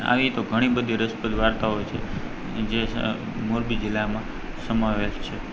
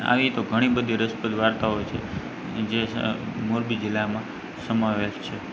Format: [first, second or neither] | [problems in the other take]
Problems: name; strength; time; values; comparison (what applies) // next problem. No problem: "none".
second | background sound (Keys jangling); 7 dB below the speech